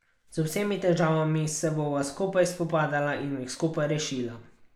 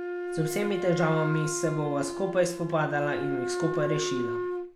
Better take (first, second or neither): first